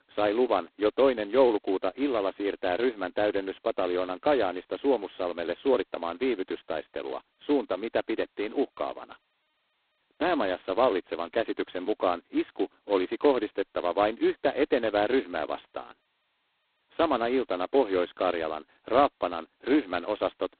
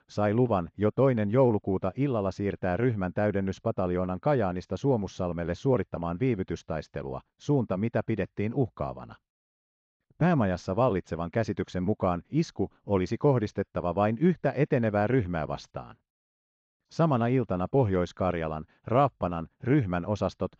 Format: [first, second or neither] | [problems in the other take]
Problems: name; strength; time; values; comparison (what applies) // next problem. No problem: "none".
second | phone-call audio; poor line; nothing above 4 kHz